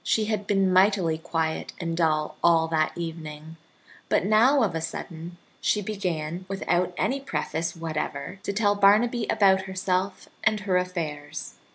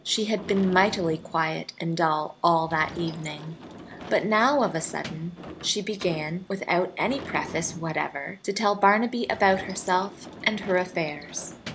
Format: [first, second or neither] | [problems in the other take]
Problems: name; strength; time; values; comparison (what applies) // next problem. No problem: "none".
first | background sound (Sliding door / Slam); 16 dB below the speech